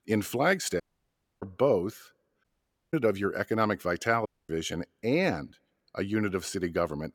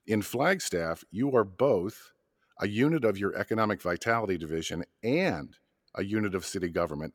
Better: second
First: audio cutting out; at 1 s for 0.5 s, at 2.5 s and at 4.5 s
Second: none

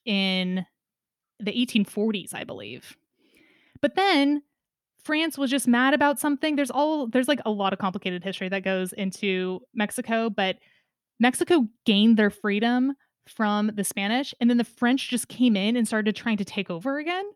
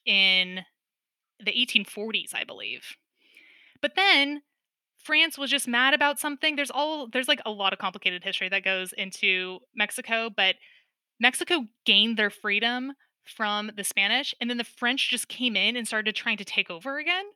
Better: first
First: none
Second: thin; somewhat; fading below 750 Hz

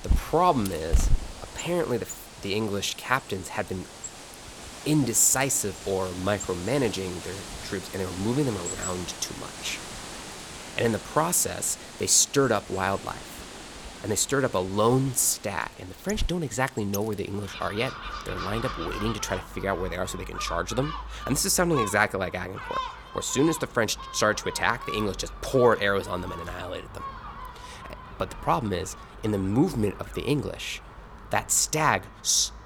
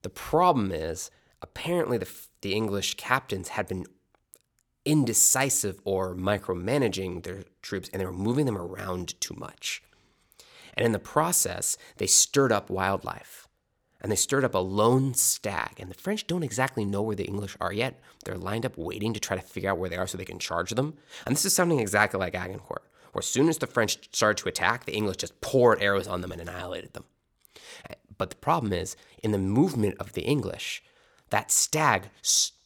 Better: second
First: animal sounds; noticeable; throughout; 10 dB below the speech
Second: none

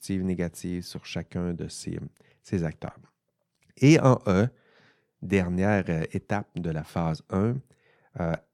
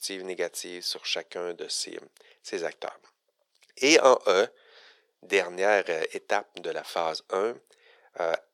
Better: first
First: none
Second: thin; very; fading below 450 Hz

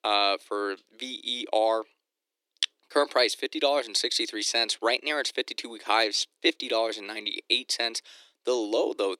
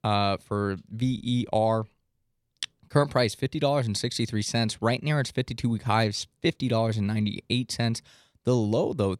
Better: second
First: thin; very; fading below 300 Hz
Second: none

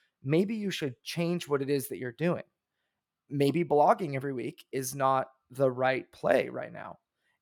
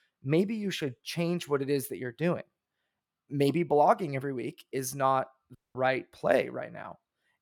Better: first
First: none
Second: audio cutting out; at 5.5 s

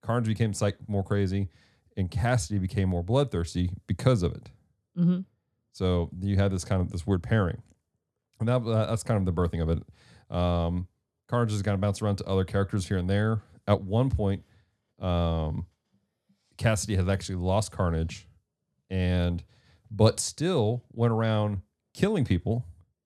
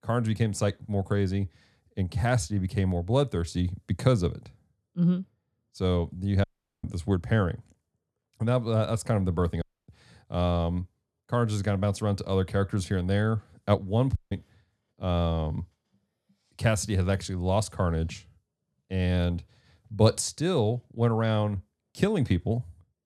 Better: first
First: none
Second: audio cutting out; at 6.5 s, at 9.5 s and at 14 s

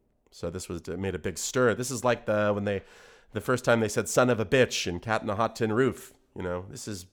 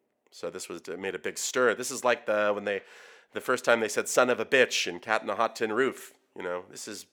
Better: first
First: none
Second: thin; somewhat; fading below 350 Hz

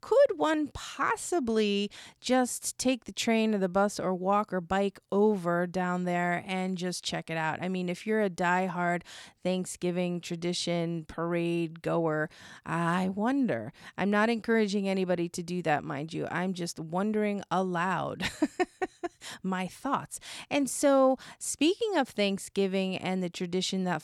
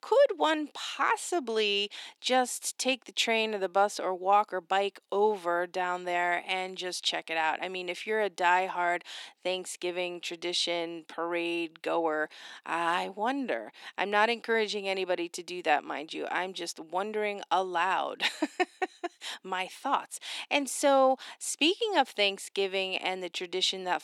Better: first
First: none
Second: thin; somewhat; fading below 300 Hz

